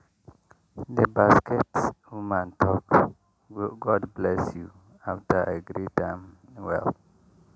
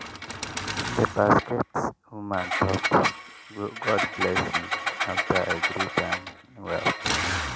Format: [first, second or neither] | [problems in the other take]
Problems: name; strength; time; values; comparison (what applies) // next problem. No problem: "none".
first | background sound (Engine); 2 dB below the speech